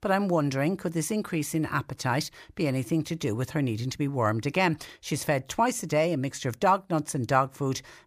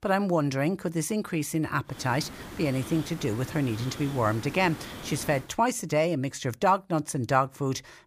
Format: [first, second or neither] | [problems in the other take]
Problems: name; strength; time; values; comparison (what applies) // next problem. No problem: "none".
first | hiss; noticeable; from 2 to 5.5 s; 15 dB below the speech